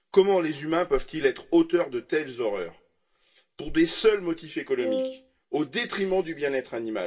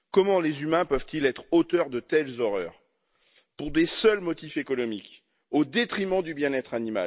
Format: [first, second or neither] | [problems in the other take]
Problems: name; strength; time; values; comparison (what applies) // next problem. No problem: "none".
second | background sound (Wind instrument, woodwind instrument); 4 dB below the speech // room echo; dies away in 0.2 s